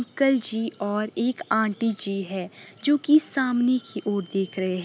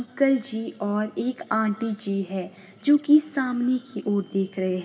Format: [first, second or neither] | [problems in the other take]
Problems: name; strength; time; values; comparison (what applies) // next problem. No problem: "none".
first | room echo; dies away in 2.4 s